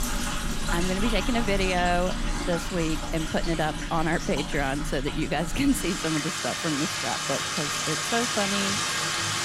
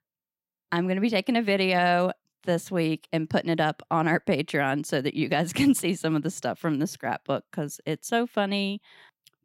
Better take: second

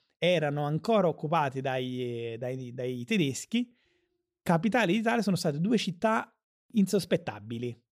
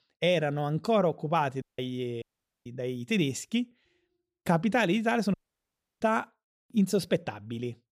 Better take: first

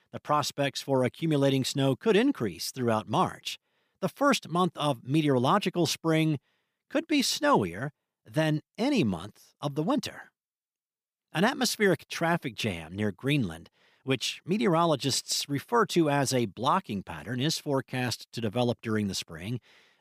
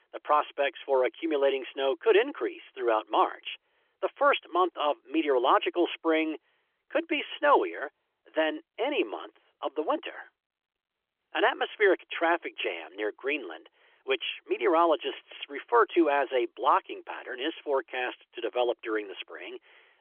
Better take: first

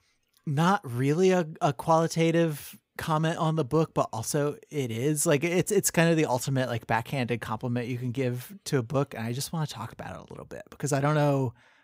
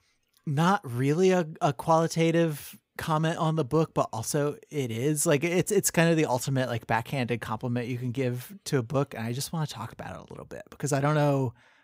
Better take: neither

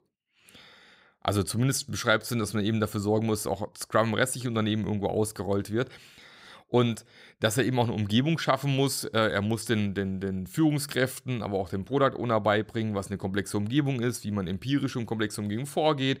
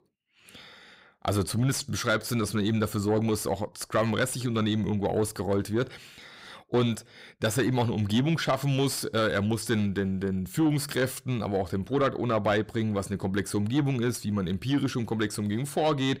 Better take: first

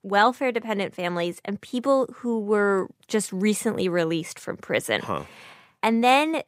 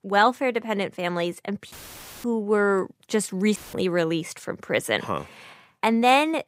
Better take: first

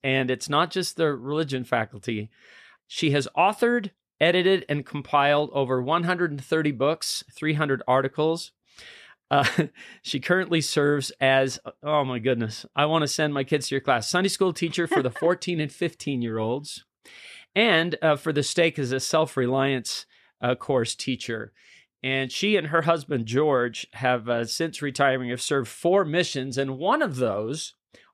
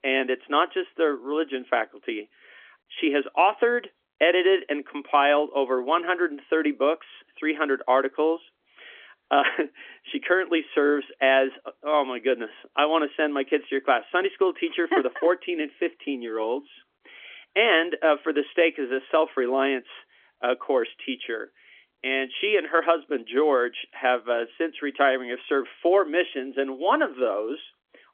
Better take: first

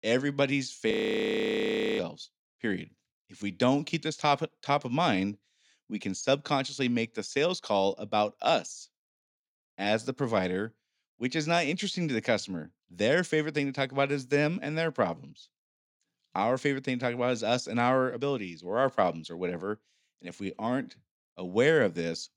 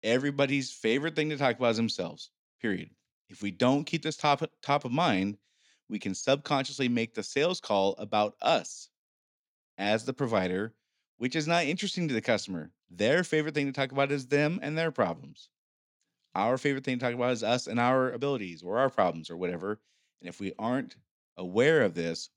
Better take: second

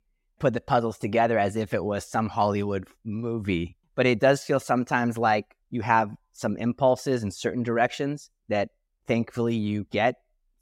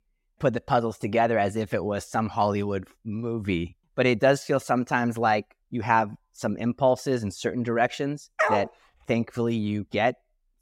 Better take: first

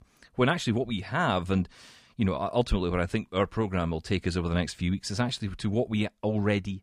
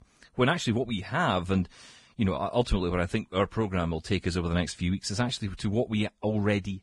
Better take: first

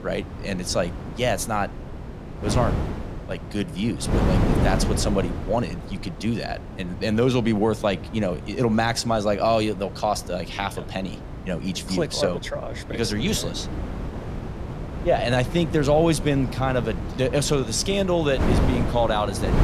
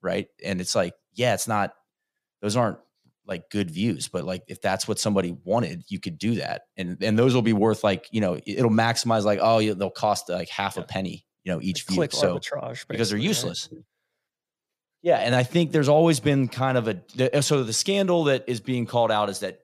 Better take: second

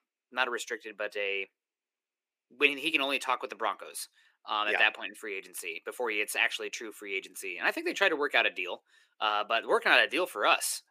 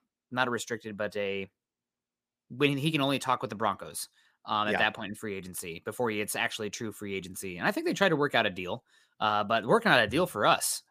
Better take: second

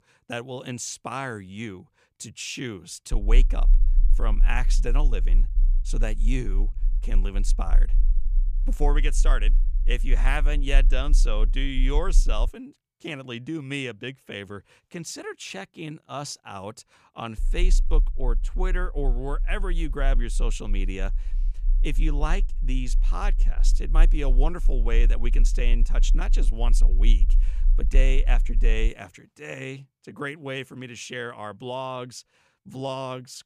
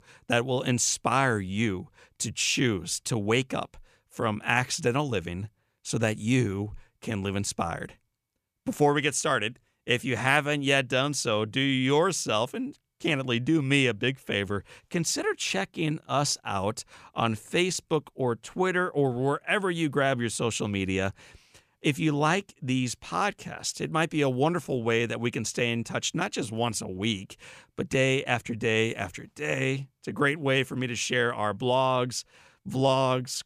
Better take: second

